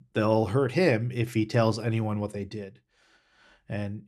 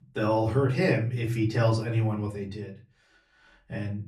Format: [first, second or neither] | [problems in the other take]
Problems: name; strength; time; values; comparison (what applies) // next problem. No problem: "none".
first | off-mic speech; far // room echo; very slight; dies away in 0.3 s